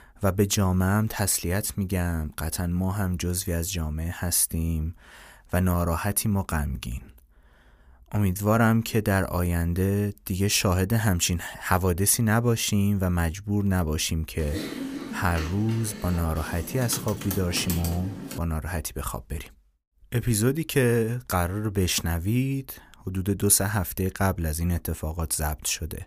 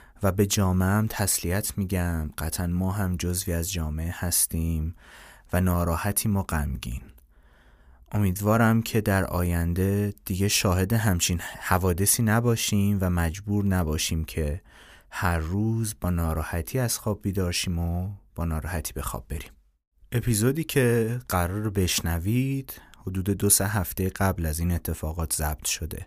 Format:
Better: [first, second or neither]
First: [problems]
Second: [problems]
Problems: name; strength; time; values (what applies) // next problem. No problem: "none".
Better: second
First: keyboard typing; noticeable; from 14 to 18 s; peak 5 dB below the speech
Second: none